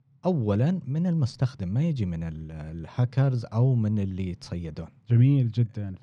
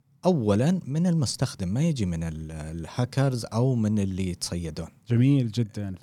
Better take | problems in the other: second | muffled; slightly; fading above 3.5 kHz

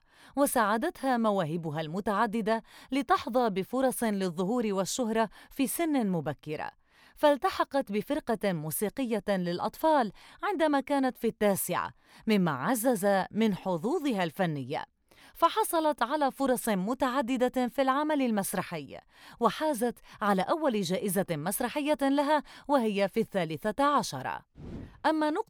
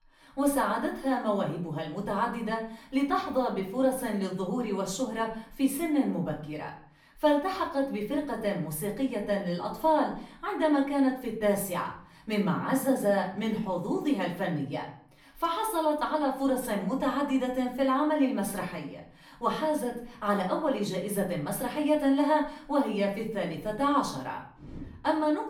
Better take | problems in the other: first | off-mic speech; far // room echo; slight; dies away in 0.5 s

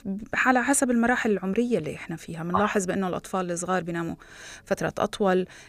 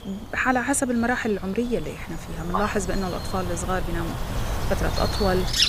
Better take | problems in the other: first | animal sounds; loud; throughout; 6 dB below the speech

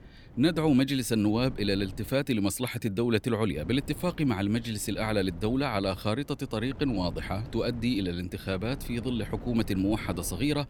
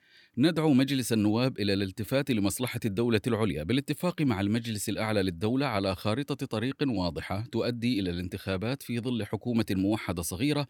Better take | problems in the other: second | wind noise on the microphone; occasional gusts; 20 dB below the speech

